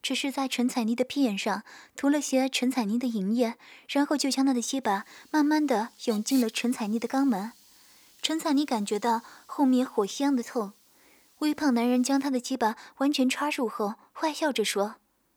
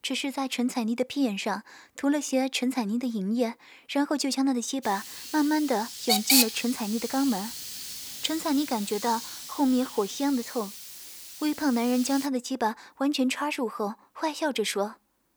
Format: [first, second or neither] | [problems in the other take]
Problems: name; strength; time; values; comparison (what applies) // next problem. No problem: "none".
first | hiss; loud; from 5 to 12 s; 3 dB below the speech; faint in the first